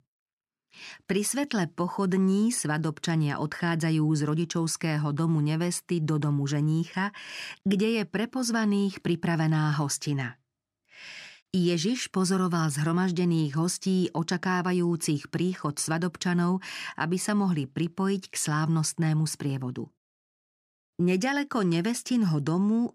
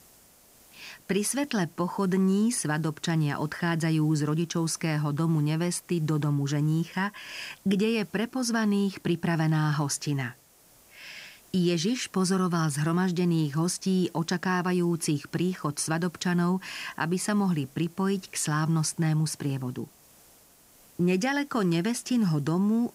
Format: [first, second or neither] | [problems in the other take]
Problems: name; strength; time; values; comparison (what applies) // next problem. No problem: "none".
first | hiss; faint; throughout; 25 dB below the speech